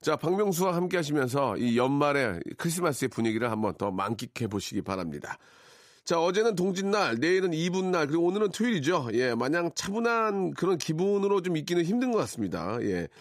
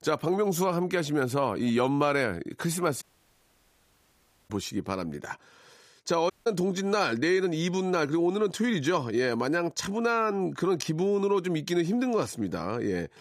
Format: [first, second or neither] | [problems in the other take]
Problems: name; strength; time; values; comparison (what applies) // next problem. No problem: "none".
first | audio cutting out; at 3 s for 1.5 s and at 6.5 s